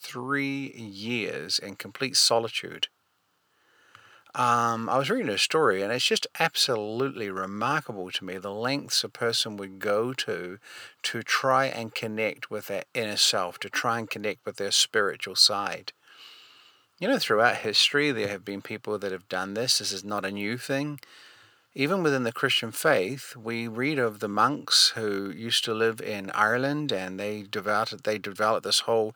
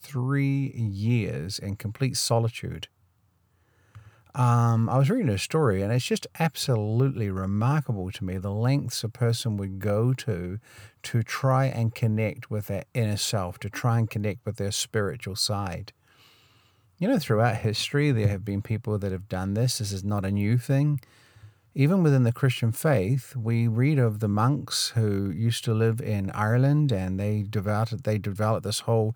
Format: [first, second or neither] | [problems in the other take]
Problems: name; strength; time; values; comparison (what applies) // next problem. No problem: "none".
second | thin; somewhat; fading below 350 Hz